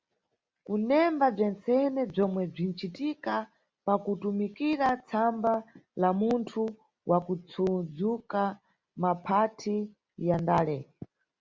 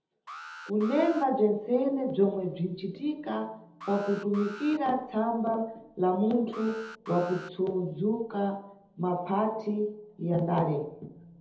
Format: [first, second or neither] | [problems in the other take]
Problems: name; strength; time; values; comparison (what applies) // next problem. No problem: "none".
first | background sound (Alarm); 17 dB below the speech // room echo; dies away in 0.9 s